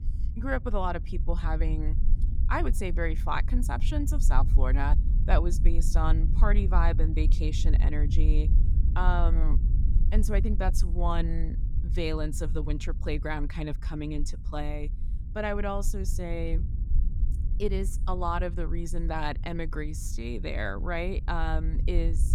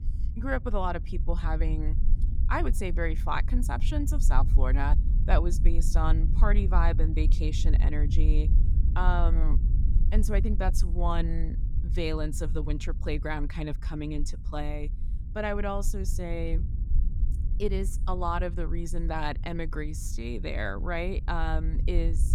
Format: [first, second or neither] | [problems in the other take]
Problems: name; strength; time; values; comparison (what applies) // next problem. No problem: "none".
neither | low rumble; noticeable; throughout; 15 dB below the speech; the same in both